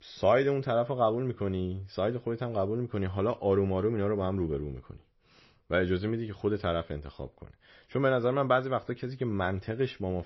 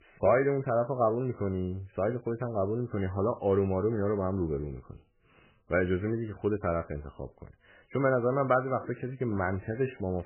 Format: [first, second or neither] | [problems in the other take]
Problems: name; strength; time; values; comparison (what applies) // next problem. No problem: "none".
first | garbled, watery; badly; nothing above 3 kHz; slightly in the first